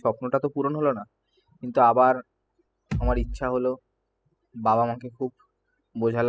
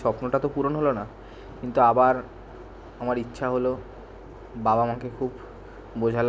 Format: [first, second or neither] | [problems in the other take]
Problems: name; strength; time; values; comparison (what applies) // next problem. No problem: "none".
second | noise reduction (classical method spectral subtraction)